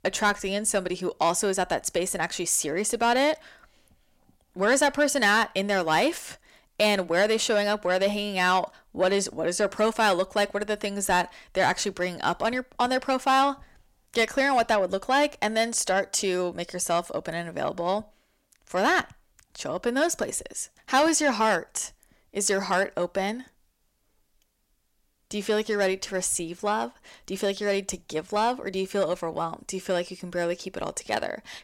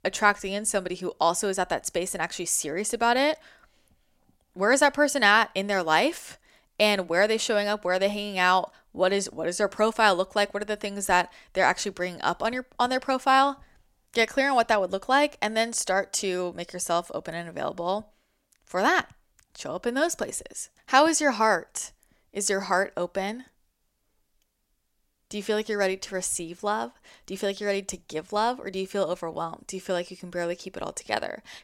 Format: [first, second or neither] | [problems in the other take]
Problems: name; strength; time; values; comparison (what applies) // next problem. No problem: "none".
second | distortion; slight; 10 dB below the speech